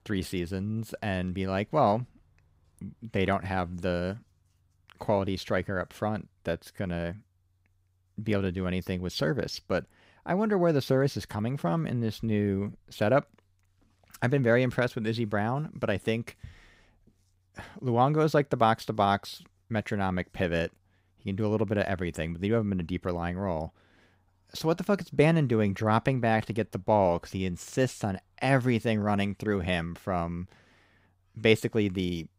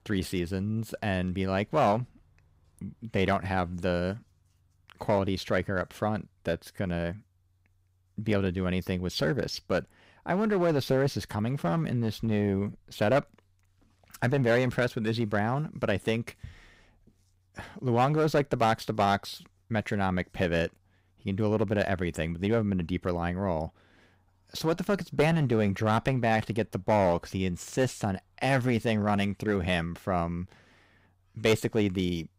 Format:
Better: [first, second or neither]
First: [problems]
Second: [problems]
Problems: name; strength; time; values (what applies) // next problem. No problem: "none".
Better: first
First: none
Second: distortion; slight; 4% of the sound clipped